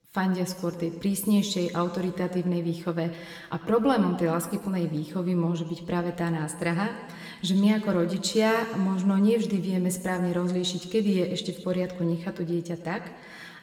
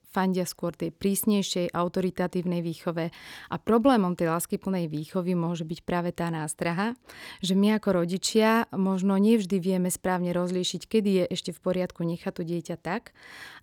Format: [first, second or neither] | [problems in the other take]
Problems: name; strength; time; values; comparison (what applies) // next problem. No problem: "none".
second | room echo; slight; dies away in 1.4 s